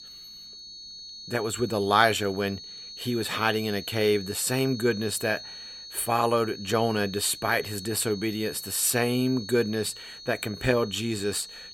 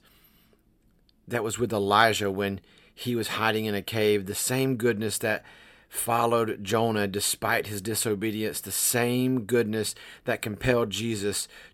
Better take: second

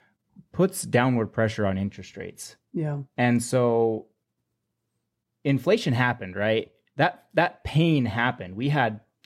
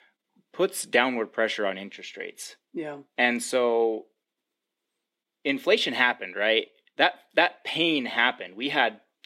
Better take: first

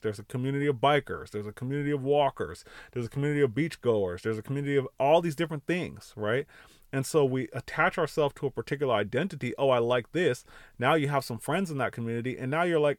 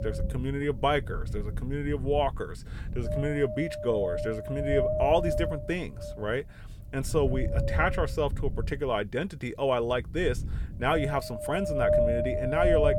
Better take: first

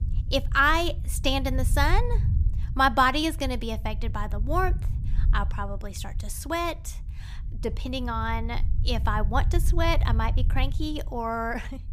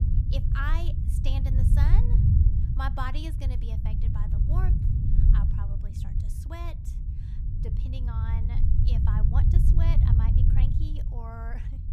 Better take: first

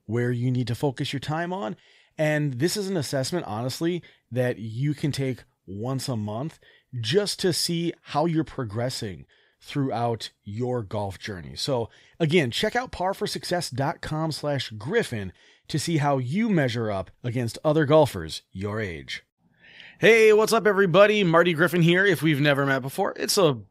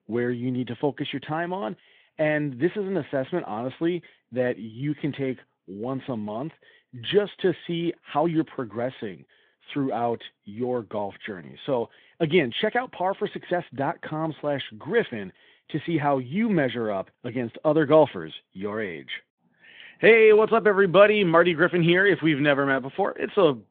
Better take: first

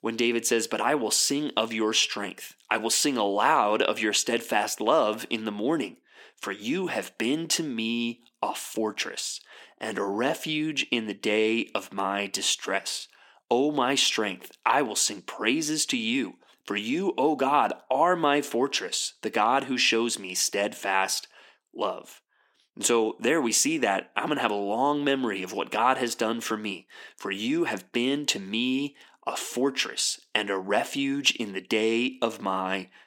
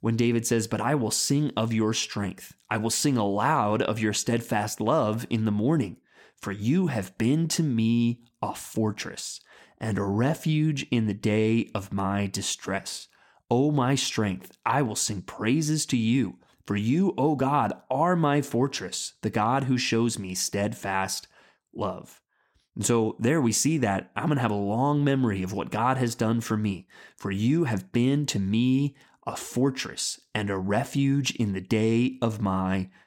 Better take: second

